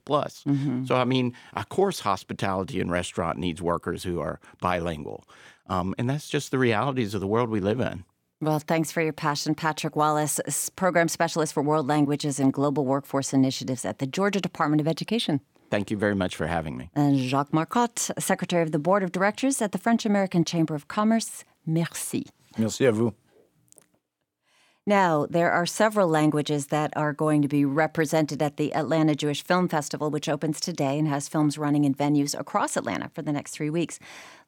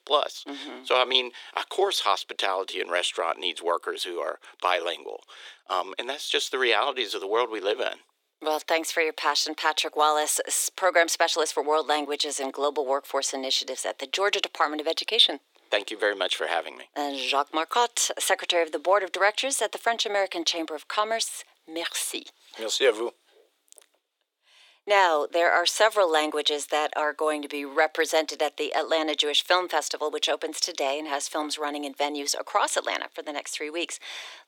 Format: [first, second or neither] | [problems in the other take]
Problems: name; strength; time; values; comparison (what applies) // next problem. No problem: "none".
first | thin; very; fading below 400 Hz